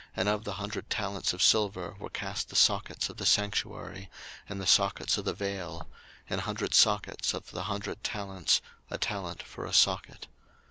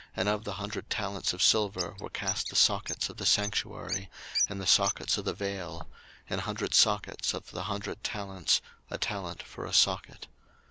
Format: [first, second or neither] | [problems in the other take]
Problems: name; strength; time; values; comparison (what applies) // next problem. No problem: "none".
first | background sound (Bird); 6 dB below the speech